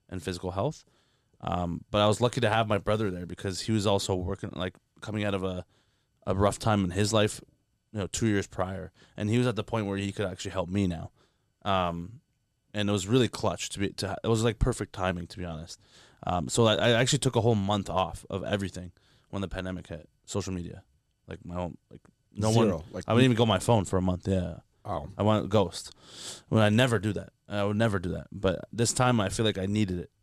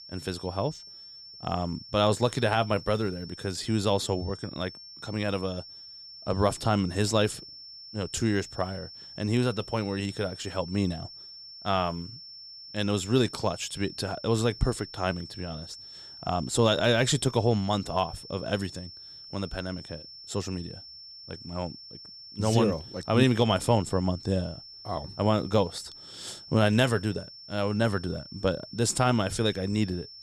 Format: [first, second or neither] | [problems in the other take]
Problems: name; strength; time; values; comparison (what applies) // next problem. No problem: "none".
first | high-pitched whine; noticeable; throughout; 5.5 kHz, 15 dB below the speech